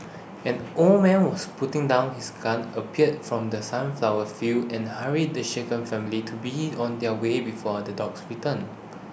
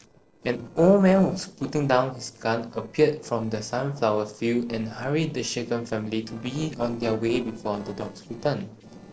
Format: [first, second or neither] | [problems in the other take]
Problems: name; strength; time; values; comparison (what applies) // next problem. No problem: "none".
first | noise reduction (neural separator model SepFormer DNS4)